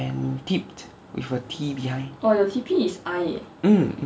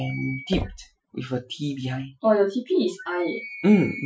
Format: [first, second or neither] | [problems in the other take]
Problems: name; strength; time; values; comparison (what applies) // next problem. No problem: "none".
first | noise reduction (classical method Wiener filter)